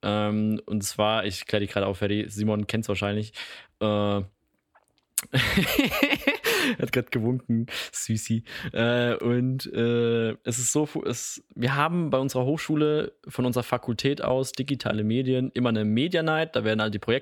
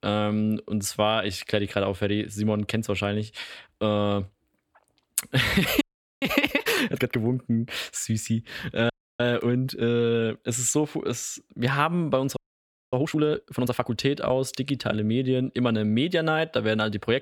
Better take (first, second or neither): first